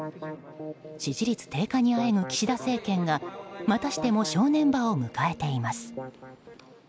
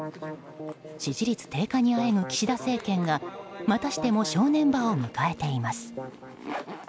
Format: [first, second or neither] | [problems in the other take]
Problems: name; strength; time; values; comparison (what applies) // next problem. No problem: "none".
first | background sound (Zipper (clothing)); 18 dB below the speech